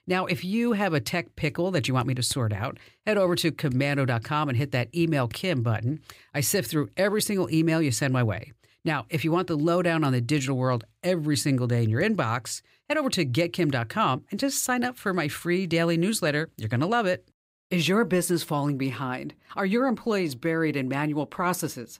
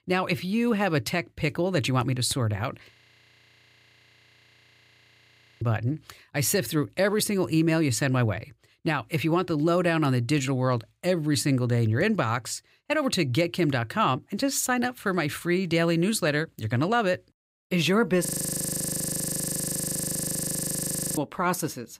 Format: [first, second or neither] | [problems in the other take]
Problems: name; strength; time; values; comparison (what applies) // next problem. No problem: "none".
first | audio freezing; at 3 s for 2.5 s and at 18 s for 3 s